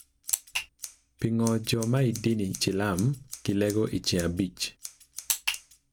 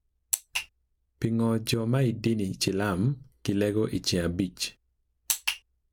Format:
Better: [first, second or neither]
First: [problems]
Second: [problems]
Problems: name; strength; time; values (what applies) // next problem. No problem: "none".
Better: second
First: background sound (Scissors); 17 dB below the speech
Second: none